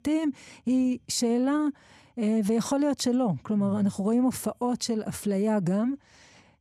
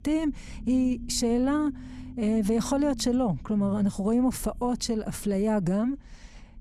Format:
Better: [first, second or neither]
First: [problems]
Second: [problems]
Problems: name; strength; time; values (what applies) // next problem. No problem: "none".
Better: first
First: none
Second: low rumble; noticeable; throughout; 20 dB below the speech